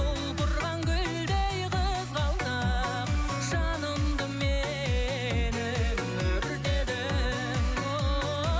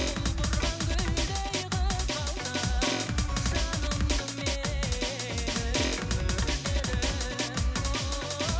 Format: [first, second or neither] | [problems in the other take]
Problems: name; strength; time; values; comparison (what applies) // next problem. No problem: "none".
first | background sound (Drum); 3 dB above the speech